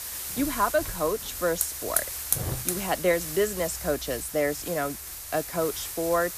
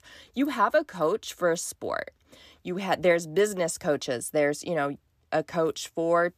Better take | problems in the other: second | hiss; loud; throughout; 3 dB below the speech

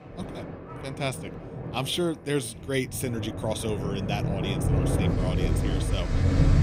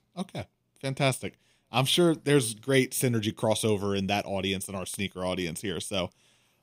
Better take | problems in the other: second | rain or running water; very loud; throughout; 3 dB above the speech

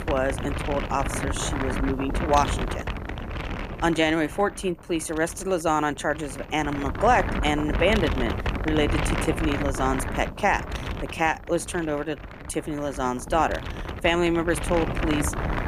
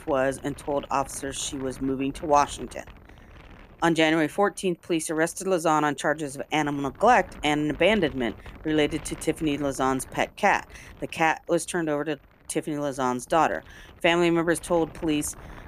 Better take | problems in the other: second | wind noise on the microphone; heavy; 7 dB below the speech; occasional gusts in the second

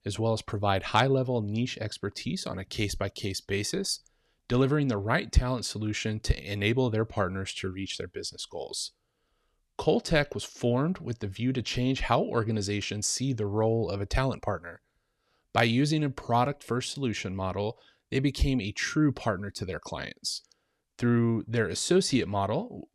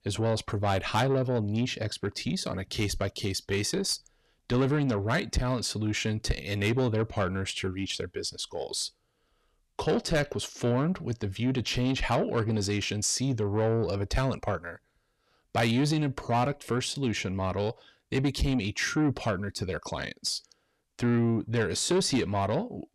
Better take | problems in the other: first | distortion; slight; 10 dB below the speech

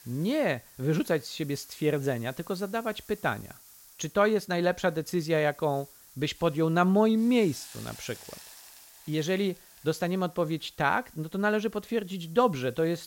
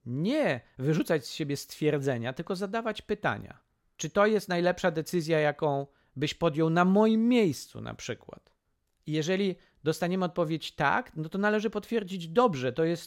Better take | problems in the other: second | hiss; faint; throughout; 20 dB below the speech

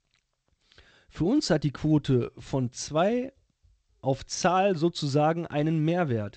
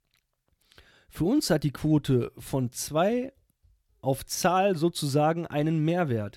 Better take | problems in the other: second | garbled, watery; slightly; nothing above 8 kHz

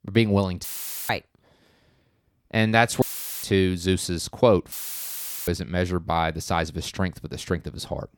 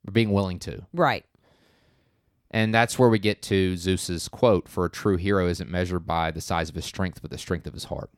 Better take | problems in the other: second | audio cutting out; filled with static; at 0.5 s, at 3 s and at 4.5 s for 1 s

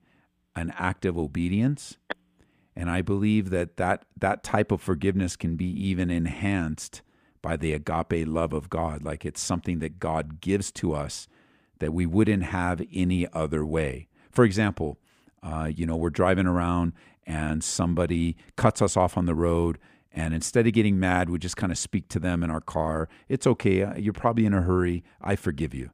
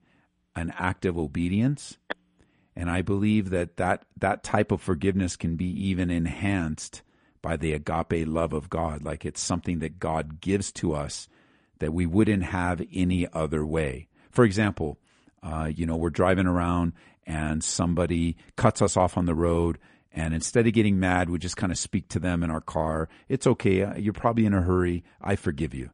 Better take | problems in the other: first | garbled, watery; slightly; nothing above 9.5 kHz

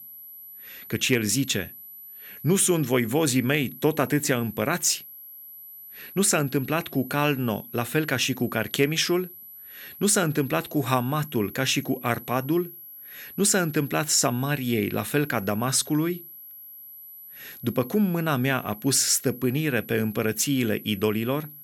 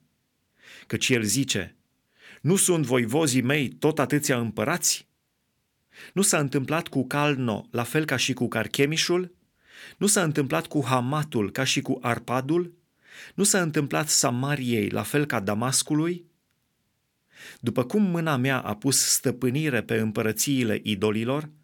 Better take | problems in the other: second | high-pitched whine; noticeable; throughout; 12 kHz, 15 dB below the speech

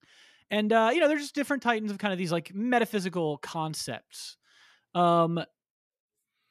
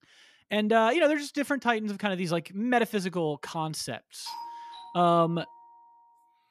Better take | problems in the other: first | doorbell; faint; from 4.5 to 6 s; peak 15 dB below the speech

